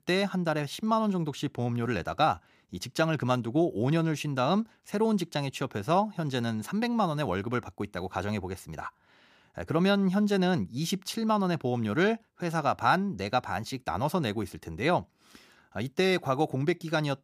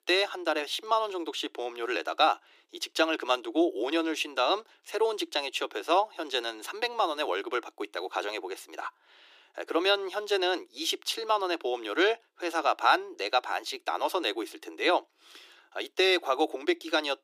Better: first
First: none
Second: thin; very; fading below 300 Hz

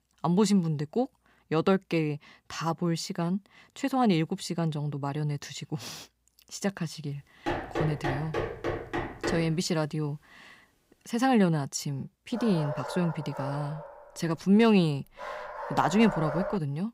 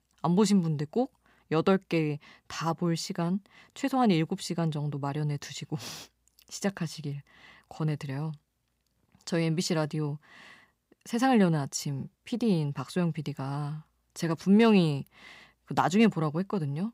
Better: second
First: door banging; noticeable; from 7.5 to 9.5 s; peak 3 dB below the speech // dog barking; noticeable; from 12 s on; peak 5 dB below the speech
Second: none

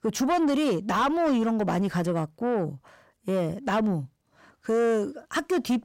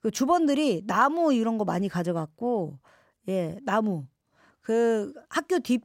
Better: second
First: distortion; slight; 10 dB below the speech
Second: none

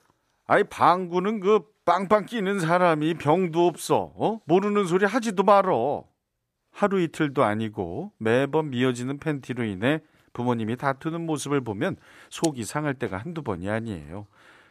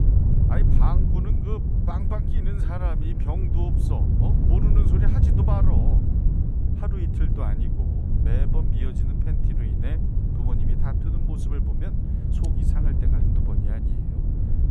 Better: first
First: none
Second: wind noise on the microphone; heavy; 2 dB above the speech

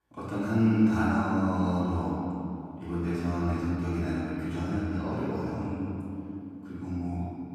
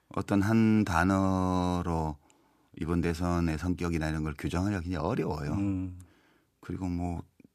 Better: second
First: room echo; strong; dies away in 2.8 s // off-mic speech; far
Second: none

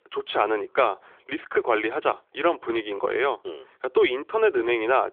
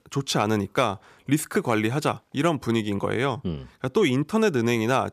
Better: second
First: phone-call audio; nothing above 3.5 kHz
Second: none

